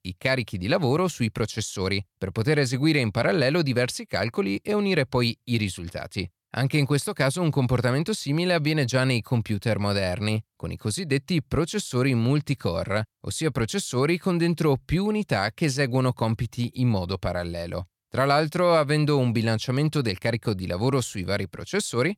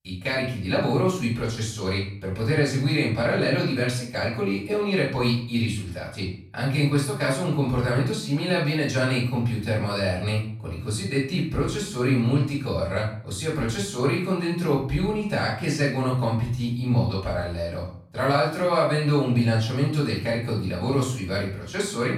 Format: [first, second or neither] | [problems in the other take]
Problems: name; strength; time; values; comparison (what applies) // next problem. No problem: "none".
first | off-mic speech; far // room echo; noticeable; dies away in 0.5 s